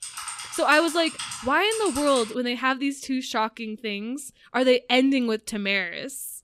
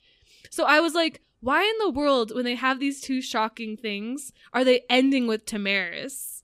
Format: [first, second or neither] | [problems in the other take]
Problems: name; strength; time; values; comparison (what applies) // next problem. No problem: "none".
second | keyboard typing; noticeable; until 2.5 s; peak 7 dB below the speech